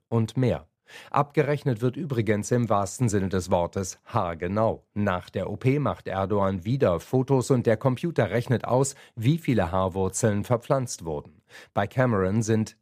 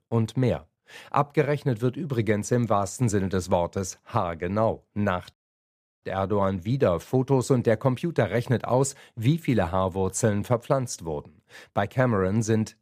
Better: first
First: none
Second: audio cutting out; at 5.5 s for 0.5 s

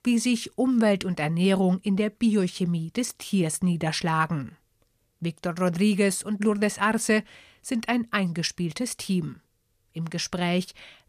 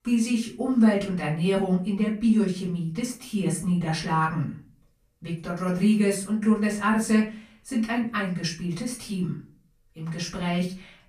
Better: first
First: none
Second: off-mic speech; far // room echo; slight; dies away in 0.3 s

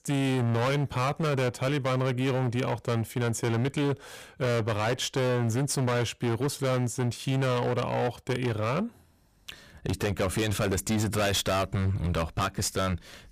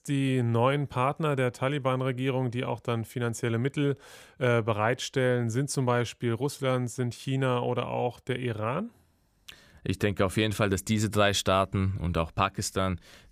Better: second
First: distortion; heavy; 27% of the sound clipped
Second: none

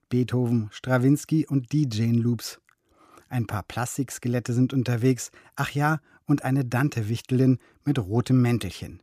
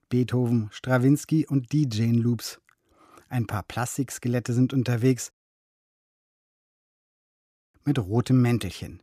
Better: first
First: none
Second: audio cutting out; at 5.5 s for 2.5 s

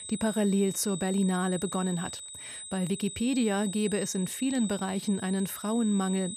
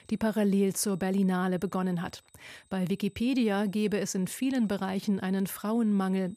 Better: second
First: high-pitched whine; loud; throughout; 8 kHz, 9 dB below the speech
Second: high-pitched whine; faint; throughout; 8 kHz, 35 dB below the speech

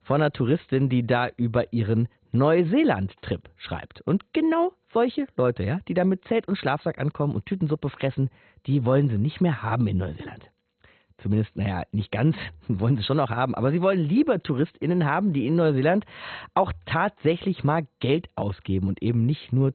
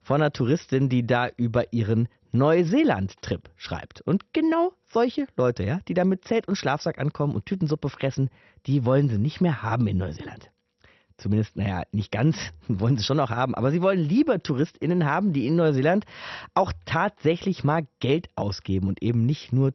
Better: second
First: garbled, watery; badly; nothing above 4 kHz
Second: garbled, watery; slightly; nothing above 6 kHz

